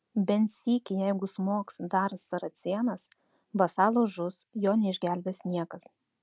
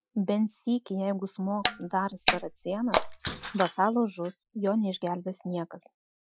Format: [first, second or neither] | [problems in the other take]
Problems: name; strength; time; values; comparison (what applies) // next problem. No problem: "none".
first | noise reduction (classical method Wiener filter)